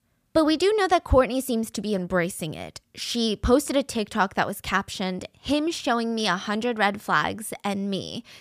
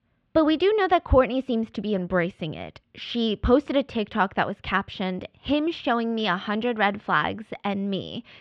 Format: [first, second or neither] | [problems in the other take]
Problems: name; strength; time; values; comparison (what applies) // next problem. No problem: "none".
first | muffled; slightly; fading above 3 kHz